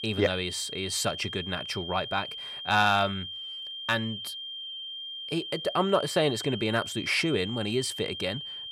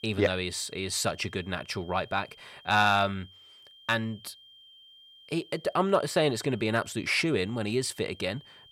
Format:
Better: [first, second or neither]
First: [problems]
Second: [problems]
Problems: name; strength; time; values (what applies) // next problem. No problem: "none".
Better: second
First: high-pitched whine; loud; throughout; 3 kHz, 7 dB below the speech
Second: high-pitched whine; faint; throughout; 3 kHz, 25 dB below the speech